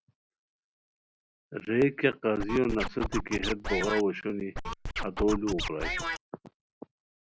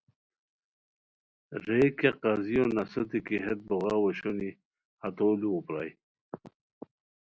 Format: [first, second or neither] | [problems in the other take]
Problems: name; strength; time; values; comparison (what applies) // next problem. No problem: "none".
second | background sound (Scratching (performance technique)); 2 dB below the speech